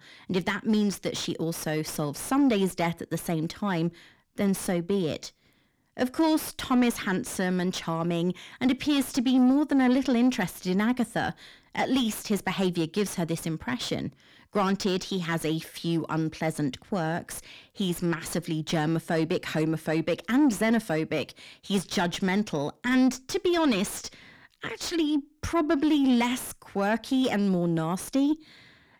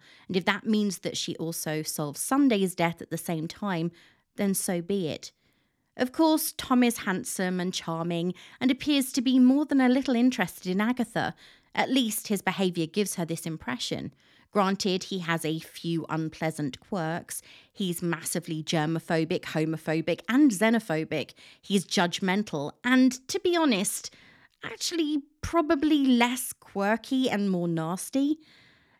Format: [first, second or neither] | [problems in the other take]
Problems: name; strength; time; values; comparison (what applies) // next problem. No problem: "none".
second | distortion; slight; 10 dB below the speech